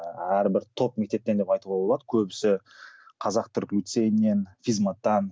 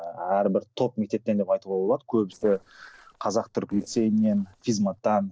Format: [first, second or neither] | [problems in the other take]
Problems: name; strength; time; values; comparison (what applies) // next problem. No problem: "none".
first | noise reduction (neural separator model SepFormer DNS4)